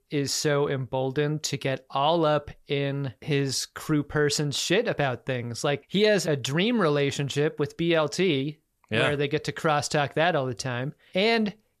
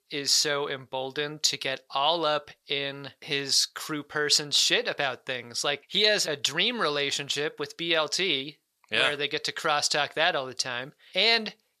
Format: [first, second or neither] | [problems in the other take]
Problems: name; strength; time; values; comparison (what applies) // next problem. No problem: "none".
first | thin; somewhat; fading below 1 kHz